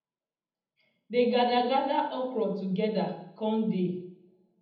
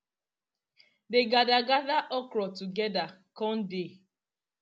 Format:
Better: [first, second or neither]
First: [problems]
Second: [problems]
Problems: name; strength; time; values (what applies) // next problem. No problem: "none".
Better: second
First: room echo; dies away in 0.8 s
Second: none